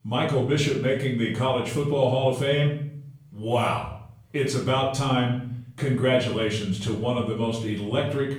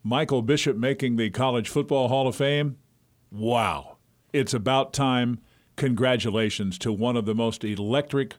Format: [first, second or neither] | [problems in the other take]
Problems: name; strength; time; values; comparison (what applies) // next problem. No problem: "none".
second | off-mic speech; far // room echo; noticeable; dies away in 0.6 s